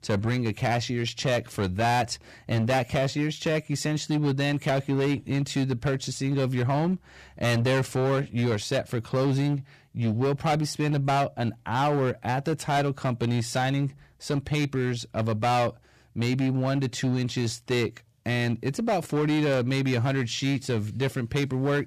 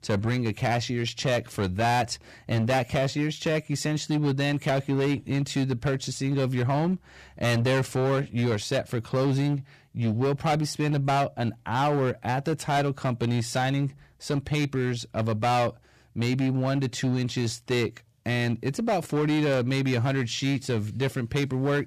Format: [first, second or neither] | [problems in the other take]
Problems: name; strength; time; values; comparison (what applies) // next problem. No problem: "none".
neither | distortion; slight; 13% of the sound clipped; the same in both